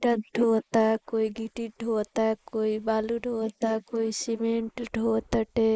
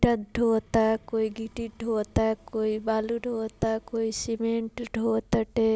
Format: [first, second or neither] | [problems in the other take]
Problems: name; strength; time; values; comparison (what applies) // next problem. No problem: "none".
second | noise reduction (neural mask model Resemble Enhance denoiser)